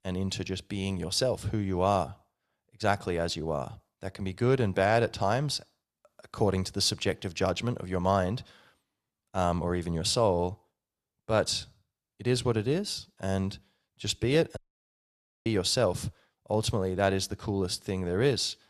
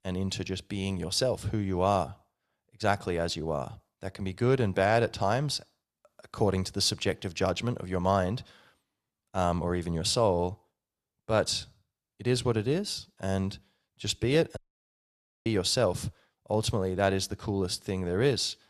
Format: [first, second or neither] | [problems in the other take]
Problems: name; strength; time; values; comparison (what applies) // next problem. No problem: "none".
neither | audio cutting out; at 15 s for 1 s; the same in both